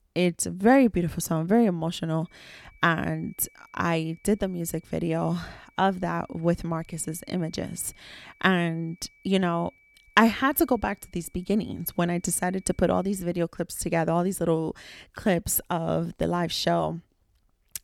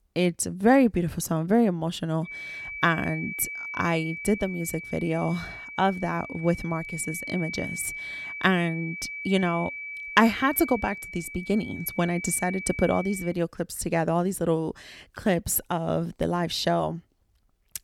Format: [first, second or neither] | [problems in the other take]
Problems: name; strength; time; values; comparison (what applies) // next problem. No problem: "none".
first | high-pitched whine; loud; from 2.5 to 13 s; 2.5 kHz, 9 dB below the speech; faint in the first